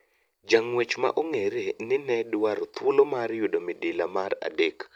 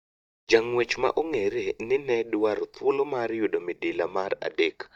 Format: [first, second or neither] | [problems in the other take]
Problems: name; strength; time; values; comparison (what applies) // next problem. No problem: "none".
first | noise reduction (neural mask model DeepFilterNet 3)